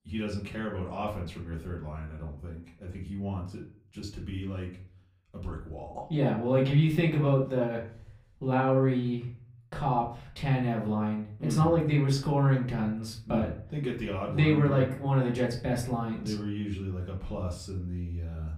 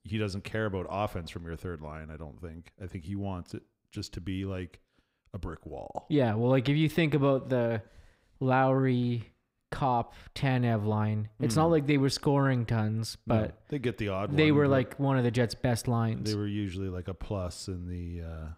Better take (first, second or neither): second